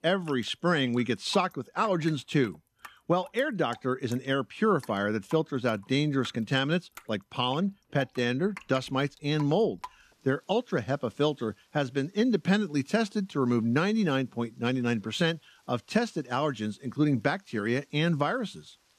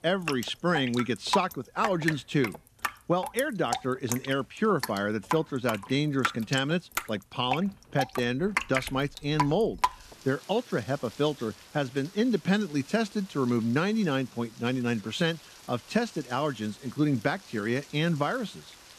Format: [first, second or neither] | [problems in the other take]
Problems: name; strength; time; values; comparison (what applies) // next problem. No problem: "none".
first | rain or running water; loud; throughout; 6 dB below the speech; faint in the first